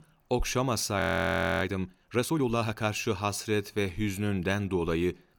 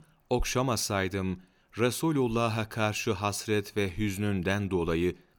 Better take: second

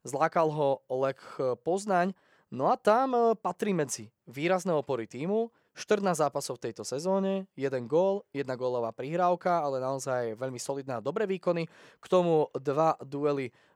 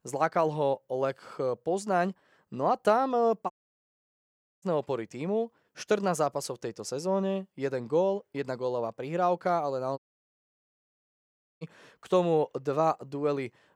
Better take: first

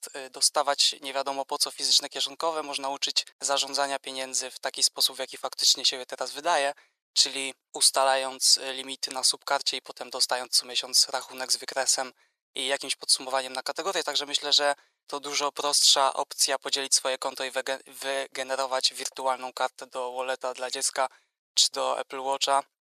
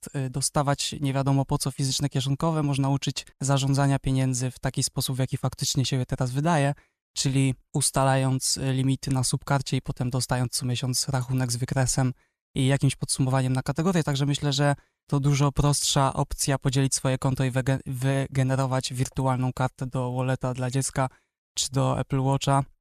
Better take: second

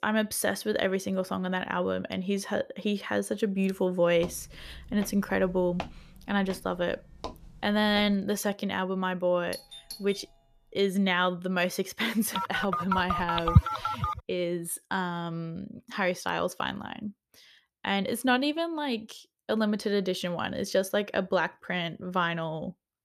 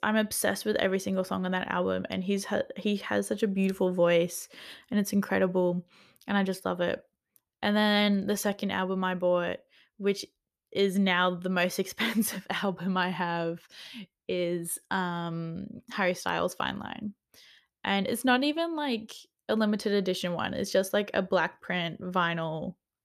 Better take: second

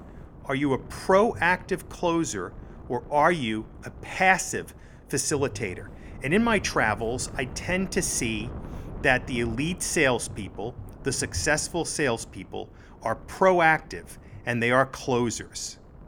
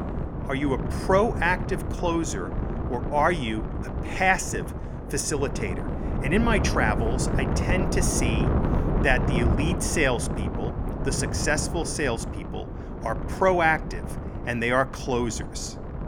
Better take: first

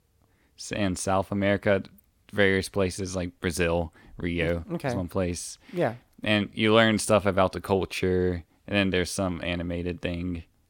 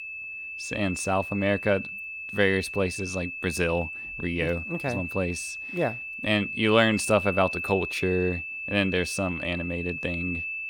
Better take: first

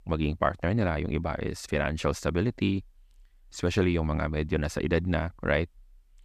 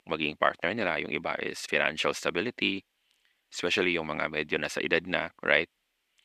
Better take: first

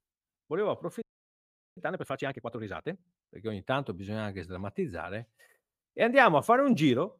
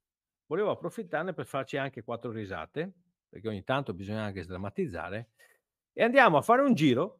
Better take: second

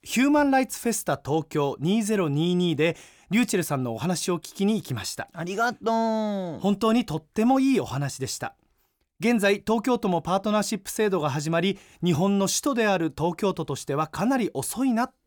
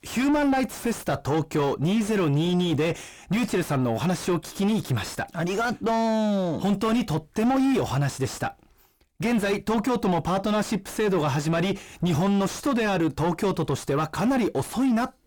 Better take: first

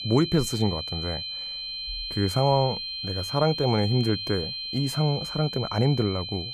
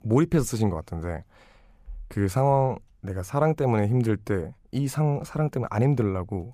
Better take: second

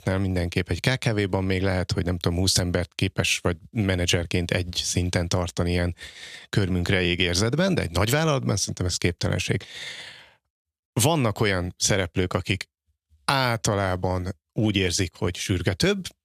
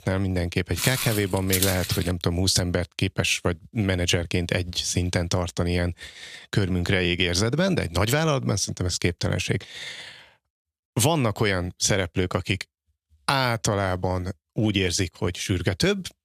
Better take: first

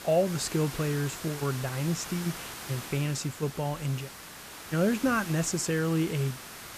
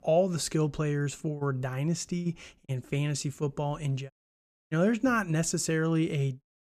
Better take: second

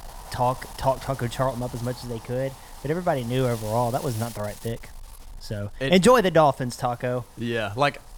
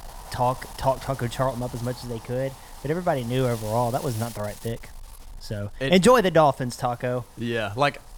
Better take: neither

